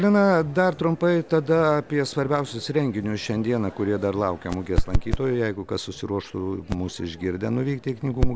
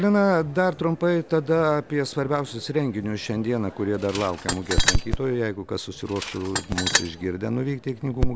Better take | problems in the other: first | background sound (Tools); 5 dB below the speech

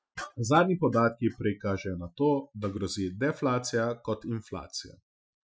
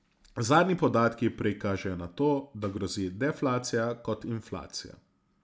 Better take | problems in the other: second | noise reduction (classical method Wiener filter)

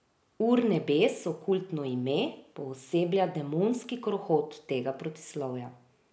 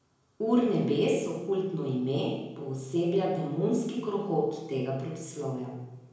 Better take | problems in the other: first | room echo; dies away in 0.9 s

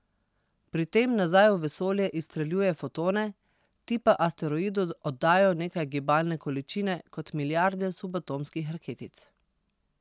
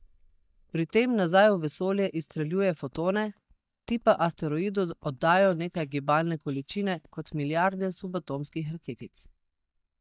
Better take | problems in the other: first | noise reduction (neural mask model DeepFilterNet 3)

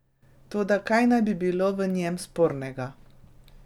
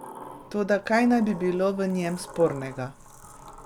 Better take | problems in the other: first | background sound (Sliding door); 18 dB below the speech

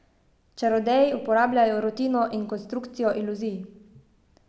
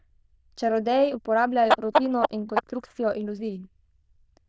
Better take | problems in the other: first | noise reduction (neural diffusion model UNIVERSE++)

